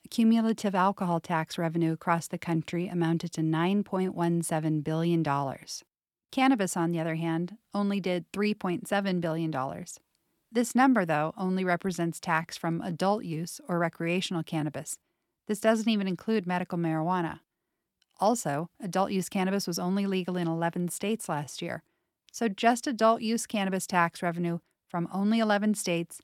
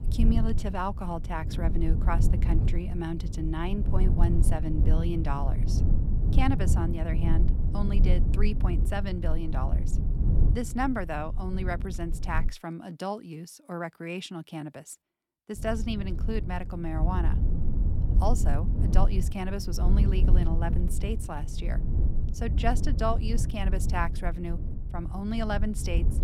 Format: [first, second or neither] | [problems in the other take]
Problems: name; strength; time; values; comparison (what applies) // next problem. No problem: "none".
first | low rumble; loud; until 12 s and from 16 s on; 8 dB below the speech